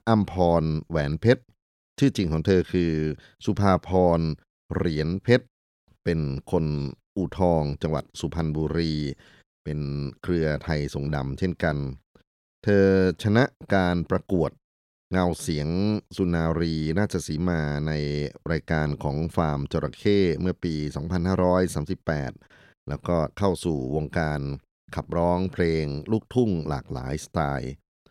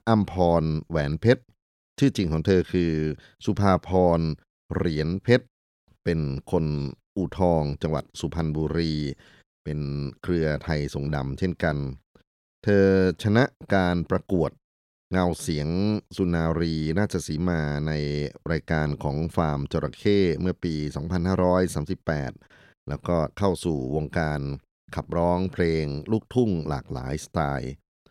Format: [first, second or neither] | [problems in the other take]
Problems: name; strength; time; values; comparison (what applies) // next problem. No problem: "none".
neither | none